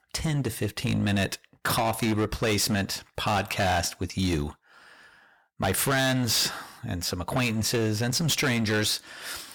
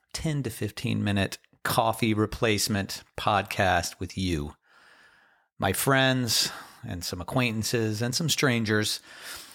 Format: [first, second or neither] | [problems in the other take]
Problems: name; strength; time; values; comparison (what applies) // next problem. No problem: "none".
second | distortion; heavy; 13% of the sound clipped